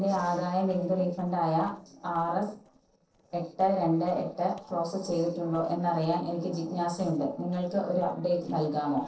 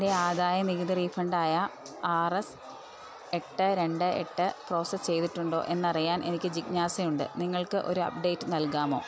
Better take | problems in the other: second | noise reduction (neural separator model SepFormer DNS4)

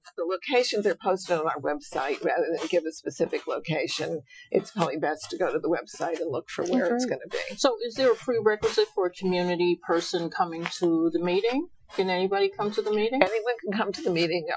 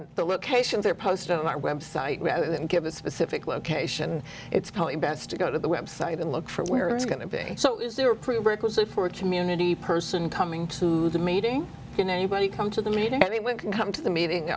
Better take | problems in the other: second | noise reduction (classical method Wiener filter)

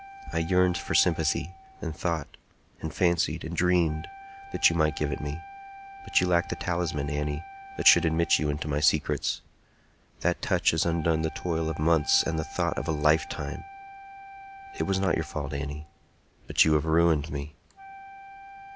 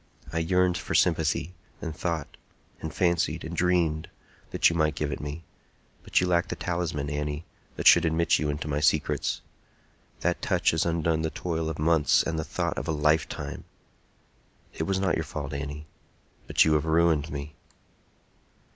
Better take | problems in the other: second | background sound (Wind instrument, woodwind instrument); 17 dB below the speech

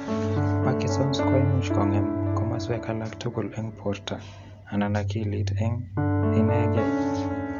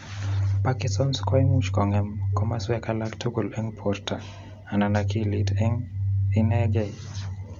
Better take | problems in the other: second | background sound (Piano); 2 dB below the speech

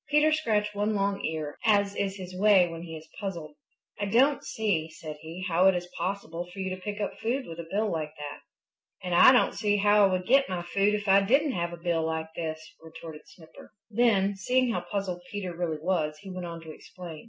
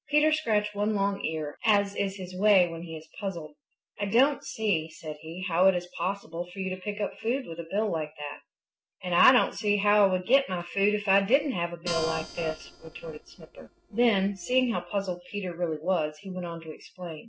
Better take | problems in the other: first | noise reduction (neural separator model SepFormer DNS4)

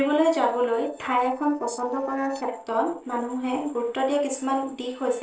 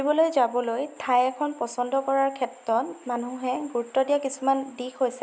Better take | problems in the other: second | noise reduction (neural separator model SepFormer DNS4)

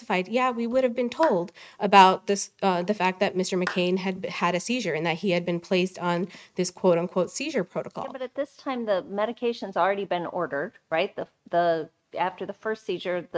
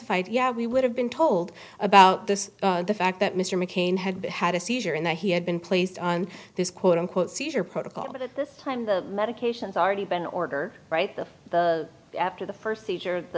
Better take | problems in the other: second | noise reduction (neural mask model RNNoise)

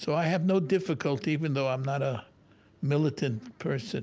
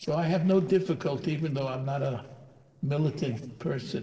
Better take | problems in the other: first | noise reduction (neural separator model SepFormer DNS4)

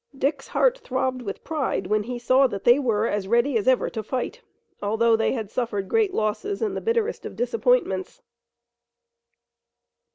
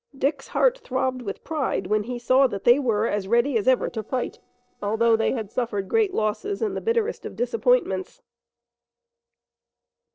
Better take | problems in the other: first | noise reduction (neural separator model SepFormer DNS4)

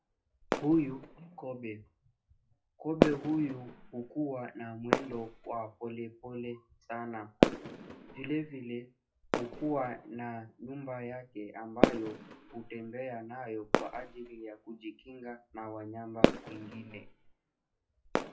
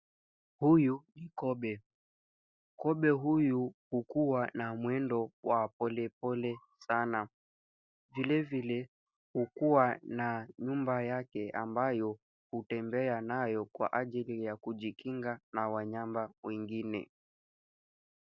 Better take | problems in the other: second | noise reduction (classical method WPE with log-MMSE)

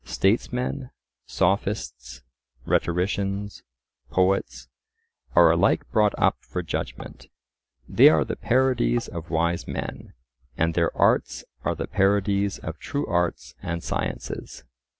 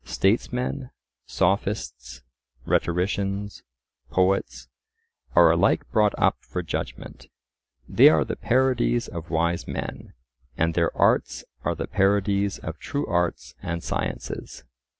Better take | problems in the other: second | background sound (Tap); 19 dB below the speech

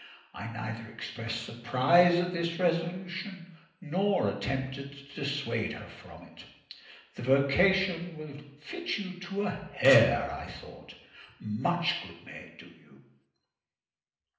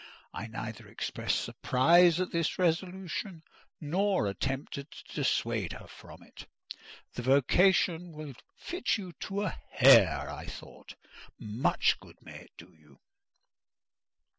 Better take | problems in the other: second | room echo; dies away in 0.8 s

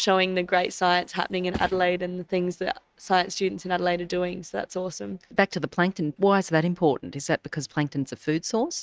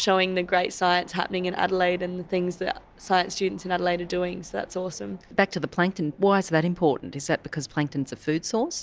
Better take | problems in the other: second | noise reduction (neural mask model RNNoise)

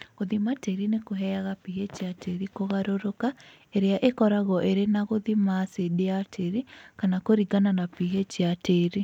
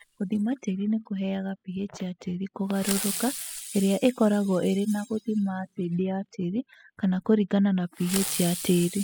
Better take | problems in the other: first | noise reduction (classical method spectral subtraction)

